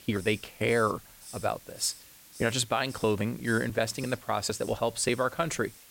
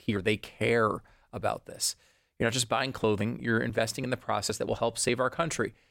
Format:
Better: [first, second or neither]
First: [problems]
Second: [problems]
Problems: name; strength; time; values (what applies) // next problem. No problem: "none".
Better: second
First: hiss; noticeable; throughout; 15 dB below the speech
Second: none